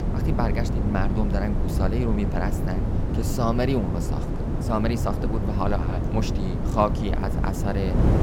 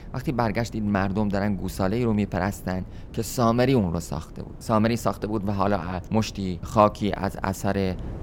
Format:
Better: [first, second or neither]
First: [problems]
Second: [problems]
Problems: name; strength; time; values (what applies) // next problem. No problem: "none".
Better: second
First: wind noise on the microphone; heavy; 5 dB below the speech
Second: wind noise on the microphone; occasional gusts; 25 dB below the speech